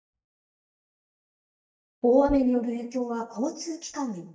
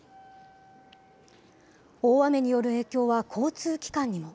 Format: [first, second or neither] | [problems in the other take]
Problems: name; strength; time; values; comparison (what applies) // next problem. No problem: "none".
second | noise reduction (neural mask model DeepFilterNet 3)